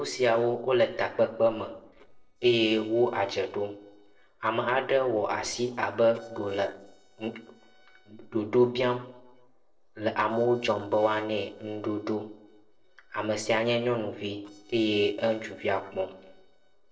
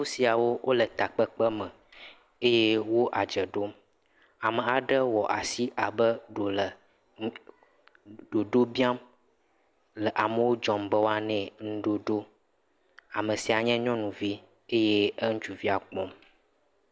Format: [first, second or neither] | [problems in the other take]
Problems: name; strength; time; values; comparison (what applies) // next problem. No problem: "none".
second | noise reduction (neural separator model SepFormer DNS4)